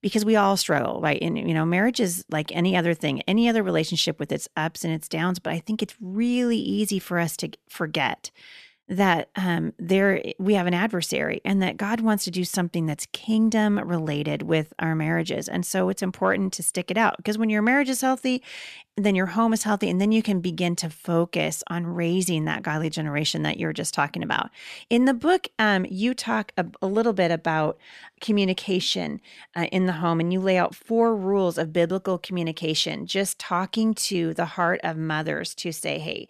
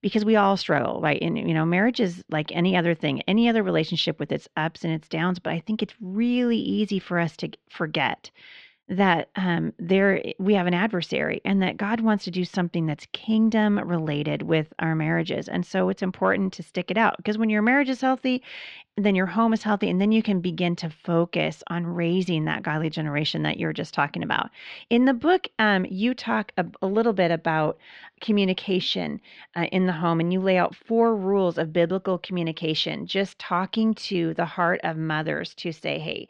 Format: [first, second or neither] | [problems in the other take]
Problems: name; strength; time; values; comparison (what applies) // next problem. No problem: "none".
first | muffled; very slightly; fading above 4 kHz